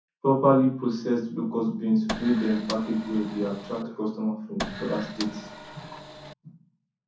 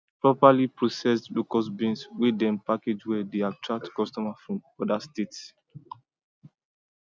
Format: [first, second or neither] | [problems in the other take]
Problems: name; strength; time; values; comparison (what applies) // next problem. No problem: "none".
second | background sound (Printer); 11 dB below the speech // room echo; dies away in 0.6 s